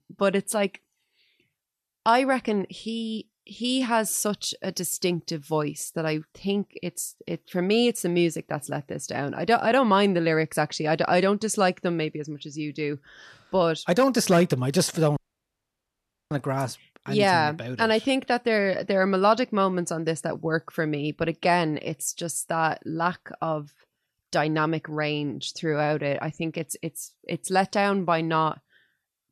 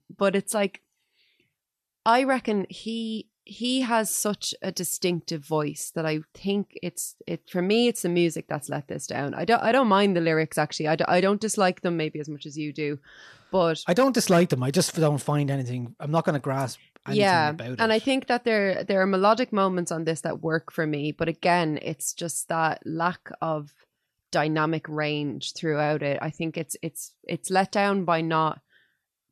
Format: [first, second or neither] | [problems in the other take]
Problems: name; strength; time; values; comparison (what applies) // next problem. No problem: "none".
second | audio cutting out; at 15 s for 1 s